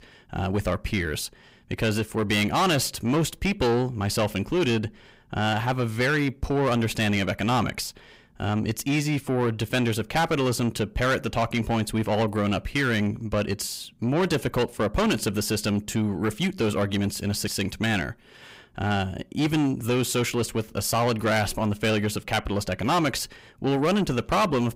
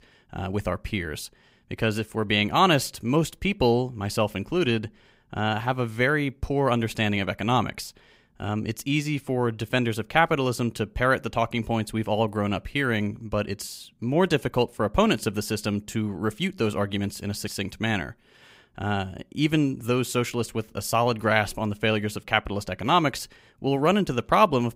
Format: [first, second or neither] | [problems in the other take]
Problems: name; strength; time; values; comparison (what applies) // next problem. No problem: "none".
second | distortion; heavy; 7 dB below the speech